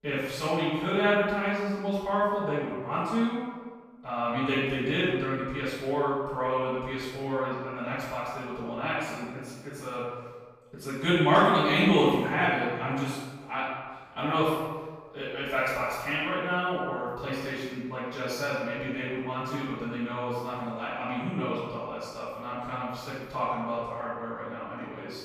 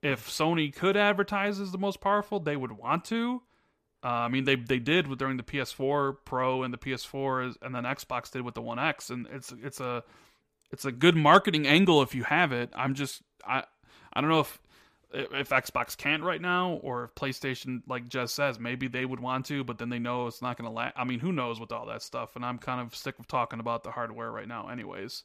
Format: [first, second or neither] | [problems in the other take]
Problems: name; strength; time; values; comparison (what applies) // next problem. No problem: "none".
second | off-mic speech; far // room echo; strong; dies away in 1.2 s